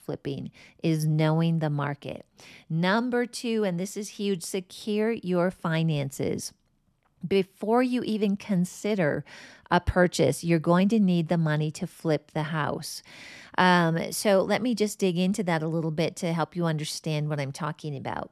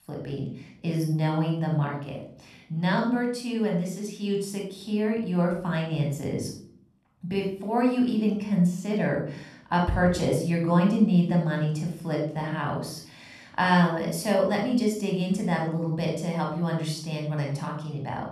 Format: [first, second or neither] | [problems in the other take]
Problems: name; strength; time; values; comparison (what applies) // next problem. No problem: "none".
first | off-mic speech; somewhat distant // room echo; noticeable; dies away in 0.5 s